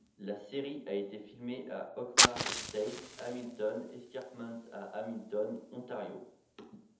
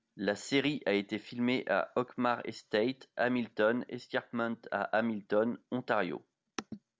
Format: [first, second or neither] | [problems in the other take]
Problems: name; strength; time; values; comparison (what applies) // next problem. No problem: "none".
second | background sound (Fire); 3 dB above the speech // room echo; dies away in 0.7 s